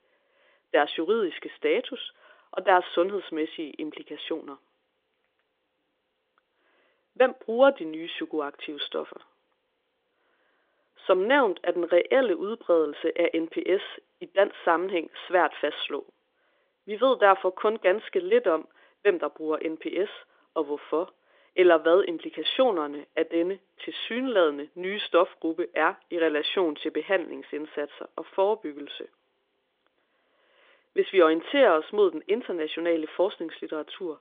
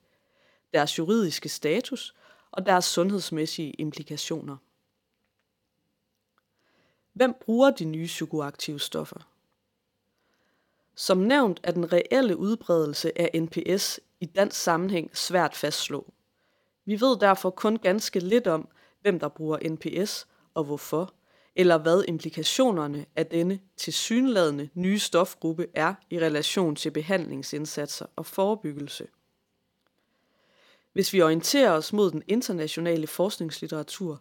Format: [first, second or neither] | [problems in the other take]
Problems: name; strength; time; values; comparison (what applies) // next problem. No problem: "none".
second | phone-call audio; nothing above 3.5 kHz